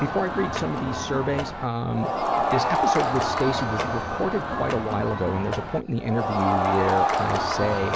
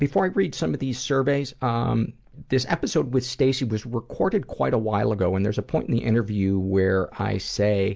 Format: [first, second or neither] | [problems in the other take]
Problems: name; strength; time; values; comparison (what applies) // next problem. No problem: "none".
second | background sound (Crowd); 1 dB above the speech